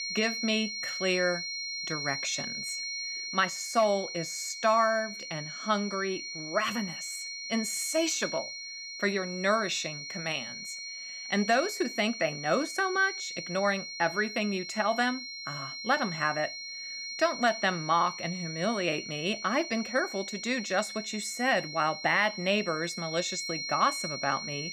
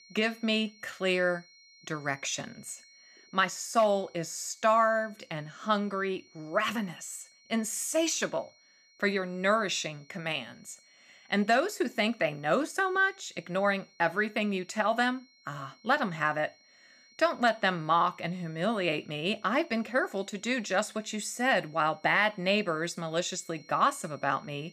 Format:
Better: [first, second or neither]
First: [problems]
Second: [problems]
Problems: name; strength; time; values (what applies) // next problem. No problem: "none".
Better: second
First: high-pitched whine; loud; throughout; 4 kHz, 6 dB below the speech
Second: high-pitched whine; faint; throughout; 4 kHz, 30 dB below the speech